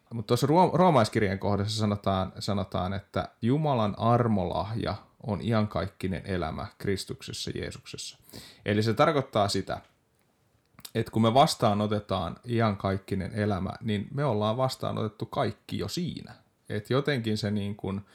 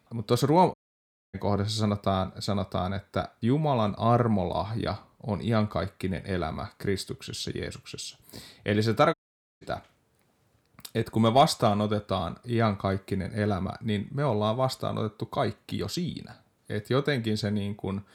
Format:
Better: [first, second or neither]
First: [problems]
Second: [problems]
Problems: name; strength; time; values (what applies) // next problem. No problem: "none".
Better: first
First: none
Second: audio cutting out; at 0.5 s for 0.5 s and at 9 s